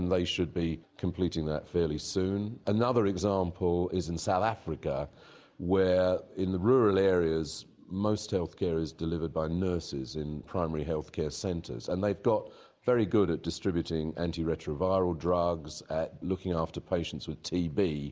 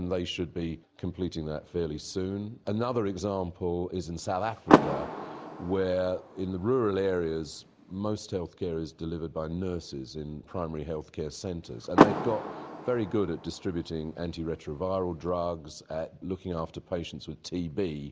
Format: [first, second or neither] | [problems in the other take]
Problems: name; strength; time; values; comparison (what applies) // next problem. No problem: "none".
first | background sound (Car); 2 dB above the speech